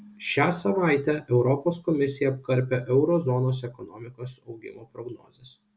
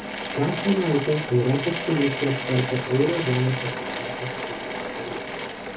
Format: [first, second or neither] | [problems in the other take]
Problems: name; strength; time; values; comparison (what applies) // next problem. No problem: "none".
first | background sound (Drill / Mechanisms); 5 dB below the speech // room echo; dies away in 0.3 s